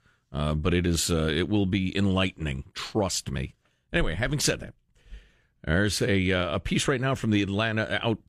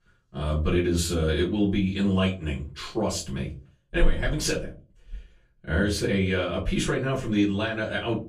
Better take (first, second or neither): first